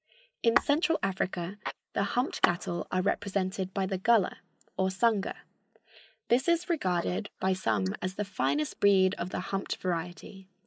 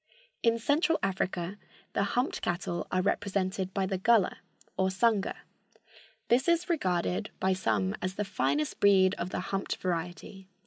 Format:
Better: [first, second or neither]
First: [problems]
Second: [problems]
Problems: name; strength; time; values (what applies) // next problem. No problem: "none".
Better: second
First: noise reduction (neural mask model Resemble Enhance denoiser)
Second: none